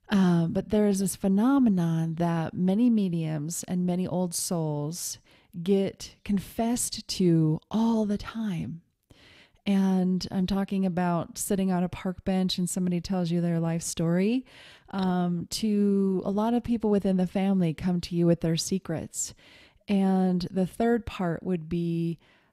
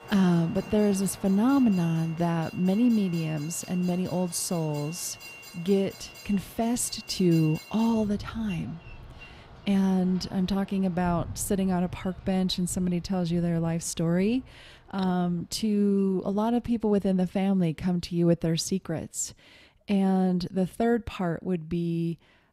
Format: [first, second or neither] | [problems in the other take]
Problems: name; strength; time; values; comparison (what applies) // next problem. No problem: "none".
first | train or aircraft noise; noticeable; throughout; 20 dB below the speech